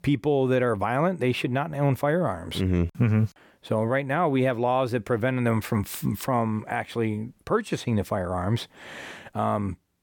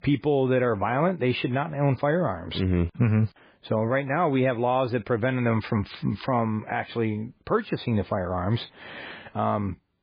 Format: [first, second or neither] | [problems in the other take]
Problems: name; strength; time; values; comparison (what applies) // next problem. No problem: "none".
first | garbled, watery; badly